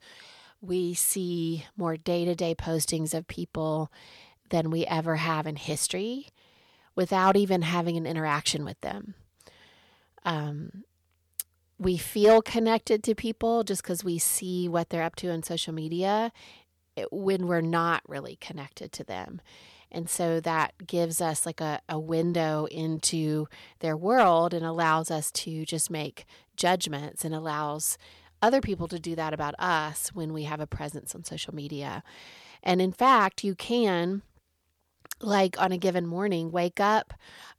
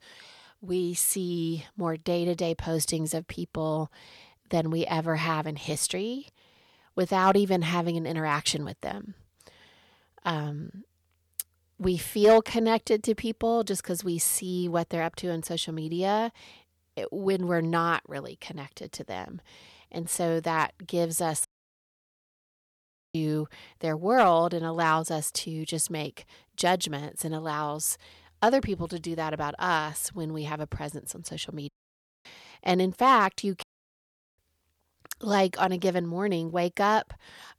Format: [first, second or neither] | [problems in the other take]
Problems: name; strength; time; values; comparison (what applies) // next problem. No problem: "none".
first | audio cutting out; at 21 s for 1.5 s, at 32 s for 0.5 s and at 34 s for 1 s